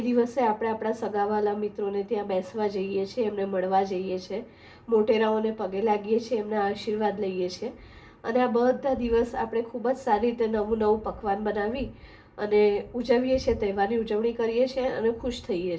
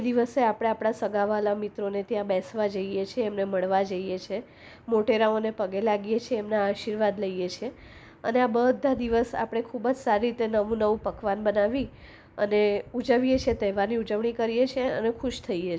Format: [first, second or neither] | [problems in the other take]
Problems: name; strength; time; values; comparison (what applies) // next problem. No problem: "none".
second | room echo; dies away in 0.3 s